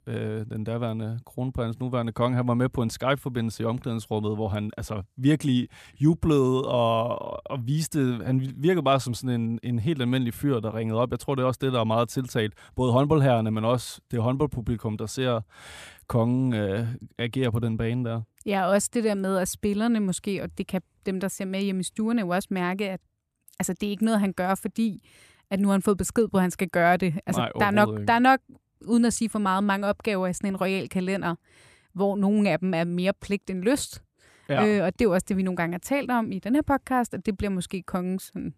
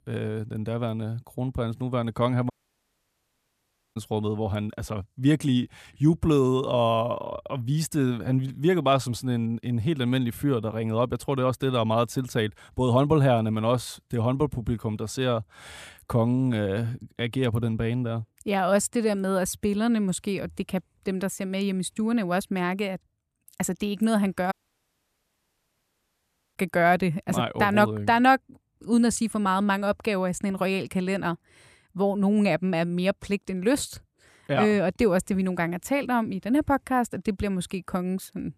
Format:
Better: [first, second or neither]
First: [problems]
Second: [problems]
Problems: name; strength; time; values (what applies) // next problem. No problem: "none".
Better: first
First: none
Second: audio cutting out; at 2.5 s for 1.5 s and at 25 s for 2 s